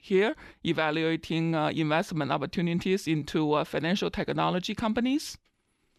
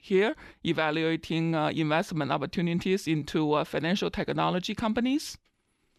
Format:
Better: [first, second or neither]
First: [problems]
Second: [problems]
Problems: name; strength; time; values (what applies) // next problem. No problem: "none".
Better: neither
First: none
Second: none